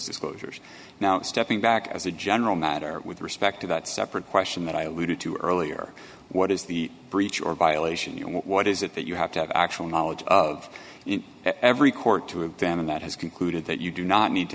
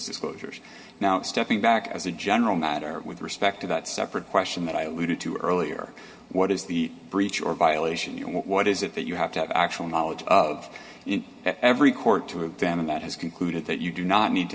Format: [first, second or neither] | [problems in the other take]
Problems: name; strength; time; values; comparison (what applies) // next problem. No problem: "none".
first | room echo; dies away in 1.9 s